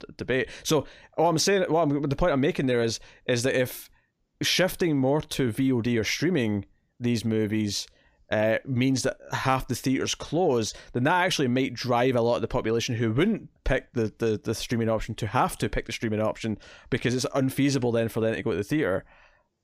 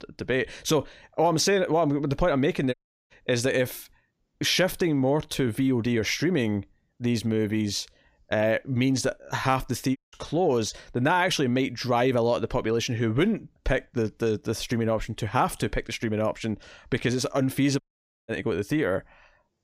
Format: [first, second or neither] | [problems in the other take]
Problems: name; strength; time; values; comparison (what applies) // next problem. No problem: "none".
first | audio cutting out; at 2.5 s, at 10 s and at 18 s